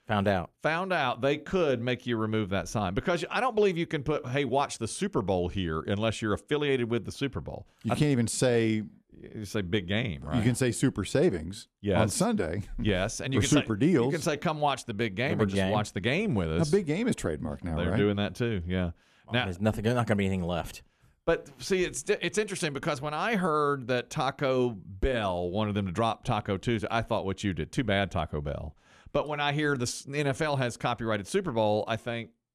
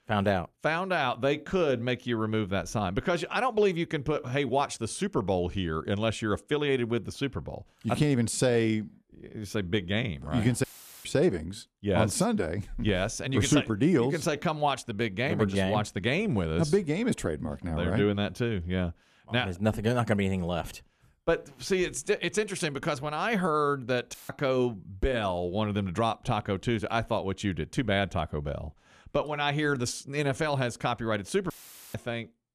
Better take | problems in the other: first | audio cutting out; filled with static; at 11 s, at 24 s and at 32 s

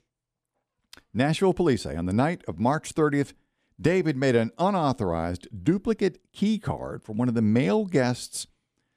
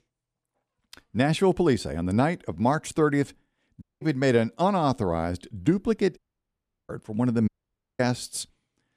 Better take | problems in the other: first | audio cutting out; at 4 s, at 6 s for 0.5 s and at 7.5 s for 0.5 s

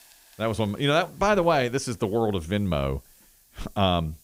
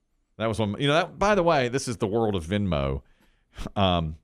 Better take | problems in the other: second | hiss; faint; throughout; 30 dB below the speech

